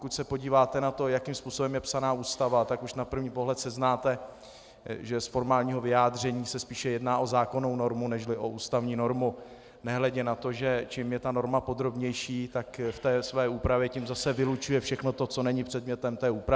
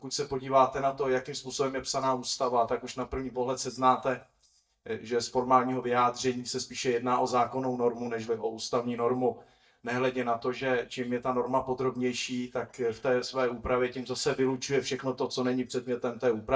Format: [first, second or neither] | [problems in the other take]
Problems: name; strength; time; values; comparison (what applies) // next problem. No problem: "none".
first | noise reduction (neural mask model DeepFilterNet 3)